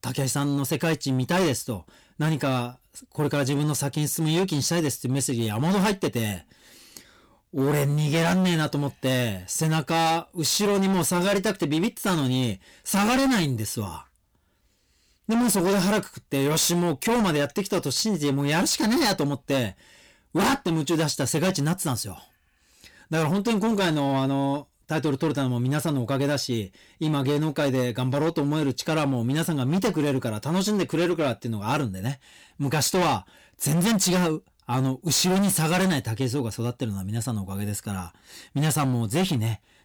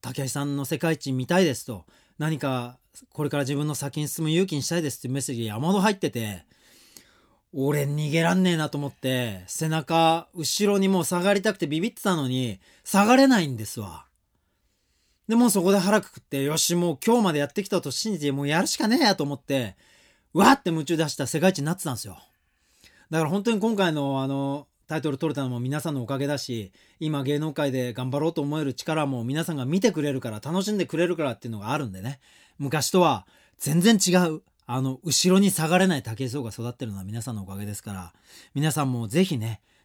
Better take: second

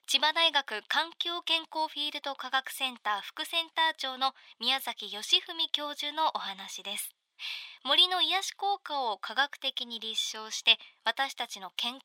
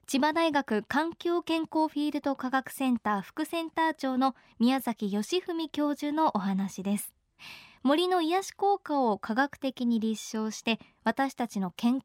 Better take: second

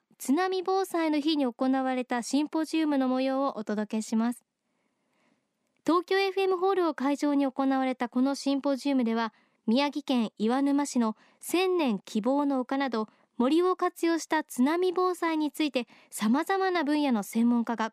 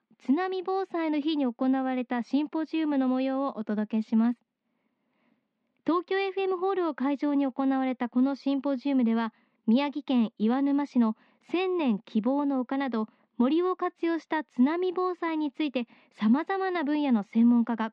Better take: first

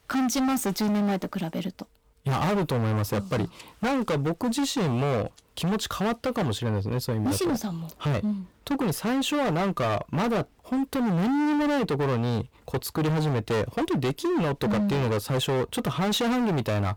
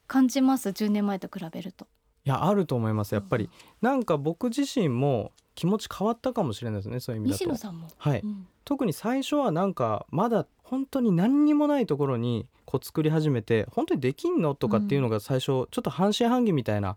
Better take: second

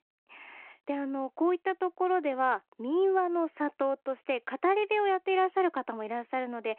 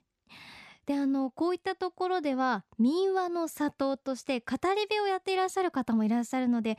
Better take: second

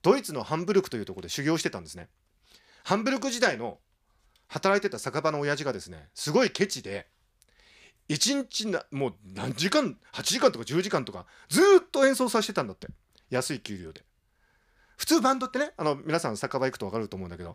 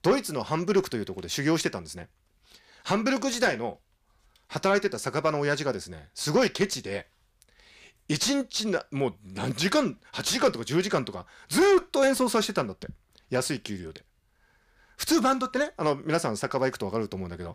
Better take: first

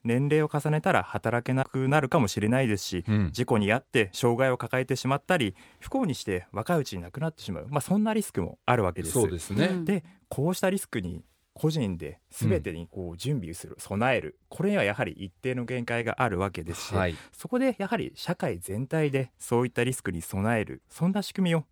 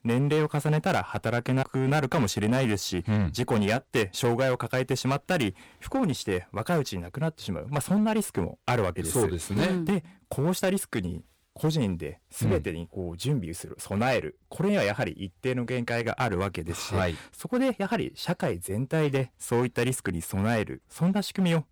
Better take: first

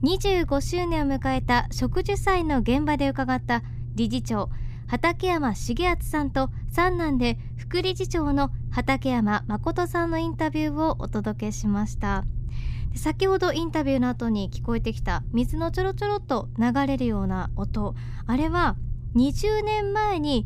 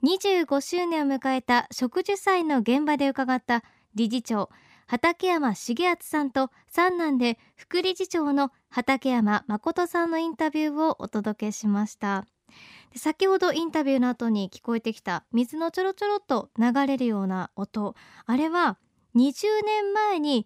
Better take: second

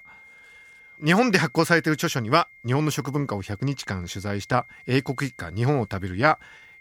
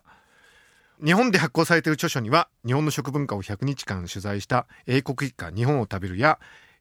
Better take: second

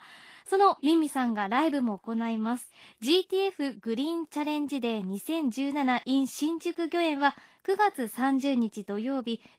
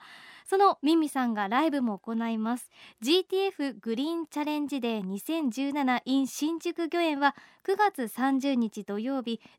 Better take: second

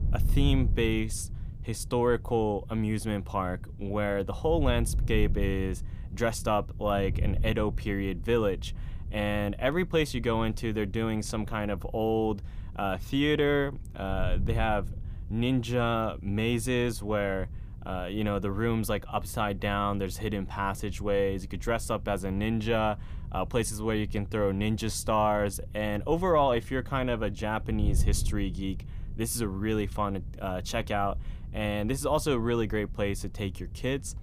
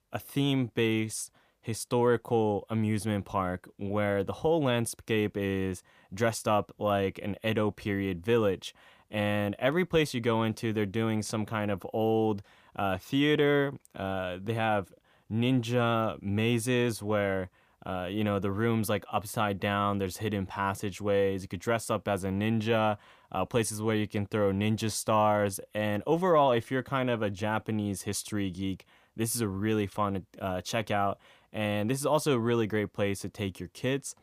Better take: second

